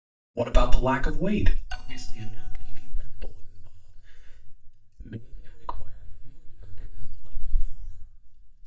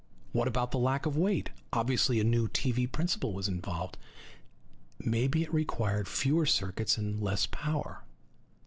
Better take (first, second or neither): second